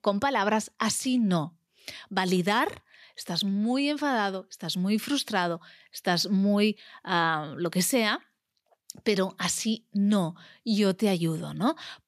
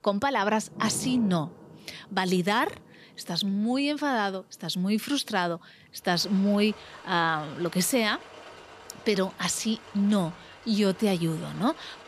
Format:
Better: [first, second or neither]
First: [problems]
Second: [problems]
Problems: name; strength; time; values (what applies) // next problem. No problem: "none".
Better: first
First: none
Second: rain or running water; noticeable; throughout; 20 dB below the speech